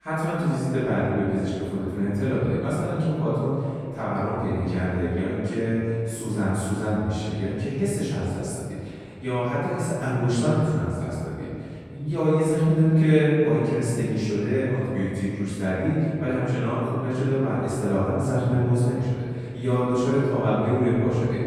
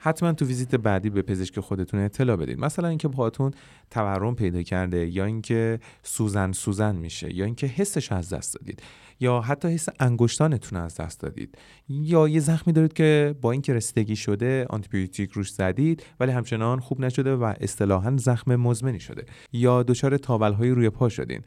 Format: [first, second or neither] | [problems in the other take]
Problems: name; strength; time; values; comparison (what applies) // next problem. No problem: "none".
second | room echo; strong; dies away in 2.3 s // off-mic speech; far